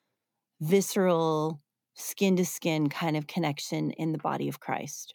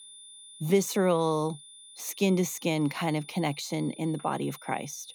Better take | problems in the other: first | high-pitched whine; noticeable; throughout; 9.5 kHz, 20 dB below the speech

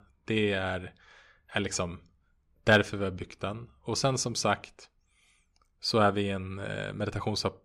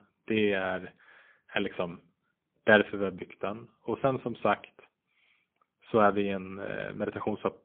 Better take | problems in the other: first | phone-call audio; poor line; nothing above 3.5 kHz

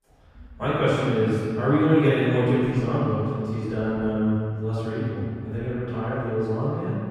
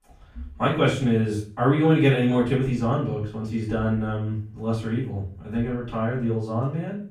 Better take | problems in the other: second | room echo; strong; dies away in 2.2 s; slight in the second // off-mic speech; far; far in the second

